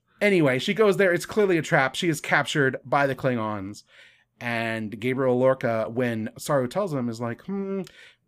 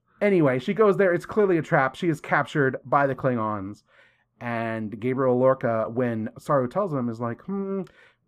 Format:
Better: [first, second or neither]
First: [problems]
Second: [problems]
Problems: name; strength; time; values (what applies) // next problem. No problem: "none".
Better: first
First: none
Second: muffled; slightly; fading above 2 kHz